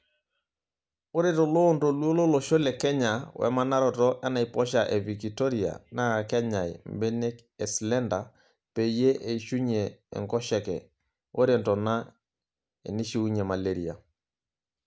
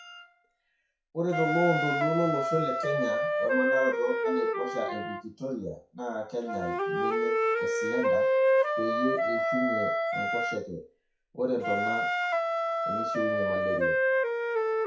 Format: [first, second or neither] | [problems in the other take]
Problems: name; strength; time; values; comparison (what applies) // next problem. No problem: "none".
first | noise reduction (classical method WPE with log-MMSE)